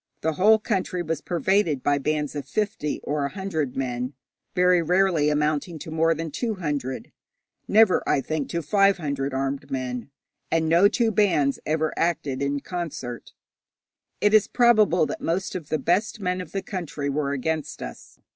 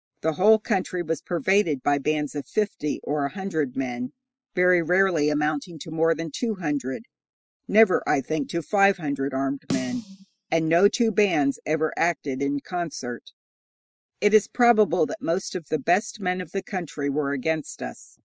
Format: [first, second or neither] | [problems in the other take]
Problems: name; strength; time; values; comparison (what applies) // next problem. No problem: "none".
first | noise reduction (classical method spectral subtraction)